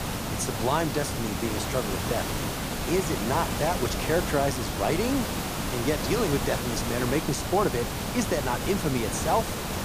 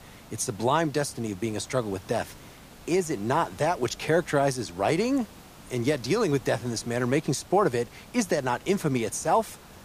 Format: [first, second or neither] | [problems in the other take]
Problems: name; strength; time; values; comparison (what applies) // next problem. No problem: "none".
second | hiss; loud; throughout; 2 dB below the speech; faint in the second